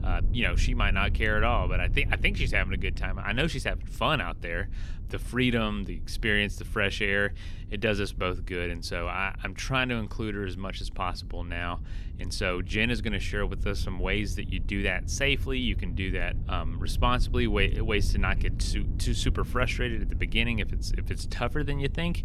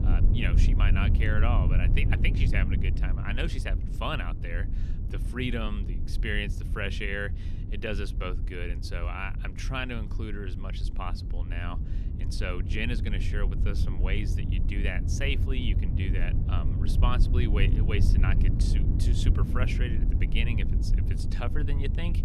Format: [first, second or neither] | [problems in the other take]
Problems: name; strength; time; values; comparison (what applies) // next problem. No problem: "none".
first | low rumble; loud; throughout; 8 dB below the speech; faint in the first